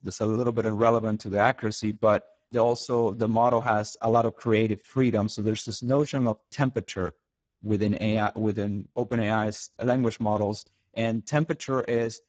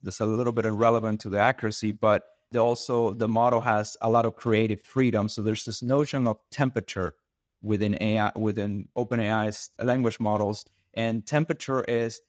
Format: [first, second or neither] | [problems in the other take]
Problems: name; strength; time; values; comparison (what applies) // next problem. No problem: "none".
second | garbled, watery; badly; nothing above 7.5 kHz; slightly in the second